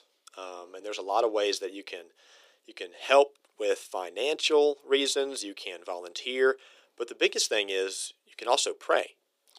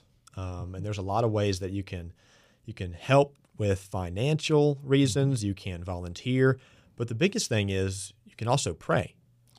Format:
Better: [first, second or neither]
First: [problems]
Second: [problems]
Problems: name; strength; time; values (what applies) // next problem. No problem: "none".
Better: second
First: thin; very; fading below 350 Hz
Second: none